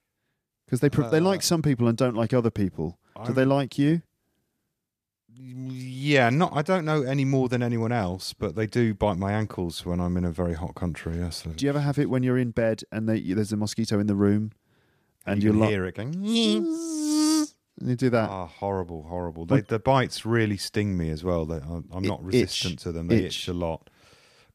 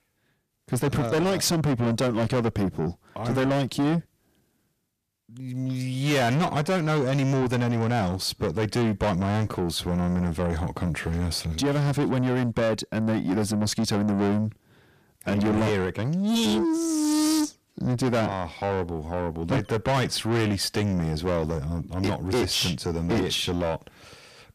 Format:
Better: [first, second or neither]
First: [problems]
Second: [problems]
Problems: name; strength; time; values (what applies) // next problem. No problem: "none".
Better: first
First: none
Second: distortion; heavy; 6 dB below the speech